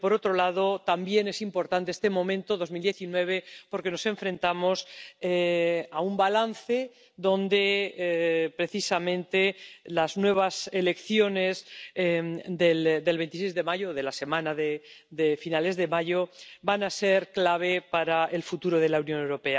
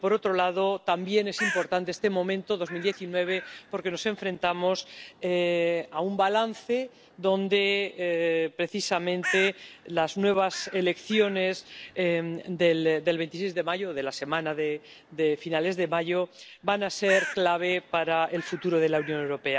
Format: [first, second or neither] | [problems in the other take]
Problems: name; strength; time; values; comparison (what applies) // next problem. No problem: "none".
first | background sound (Bird); 15 dB below the speech